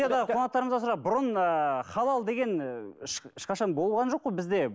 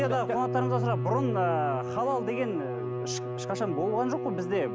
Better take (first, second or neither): first